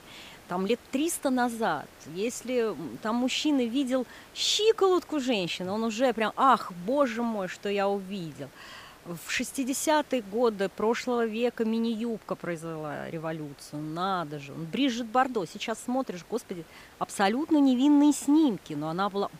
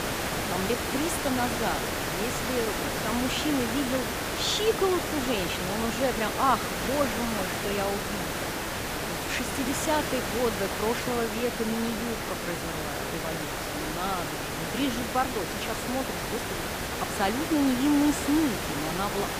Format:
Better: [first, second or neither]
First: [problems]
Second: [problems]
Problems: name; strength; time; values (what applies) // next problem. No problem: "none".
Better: first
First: hiss; faint; throughout; 25 dB below the speech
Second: hiss; loud; throughout; 1 dB below the speech